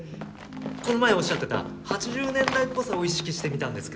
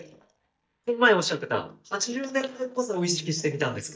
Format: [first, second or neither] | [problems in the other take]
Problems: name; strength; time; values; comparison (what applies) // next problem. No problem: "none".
first | noise reduction (neural mask model DeepFilterNet 3)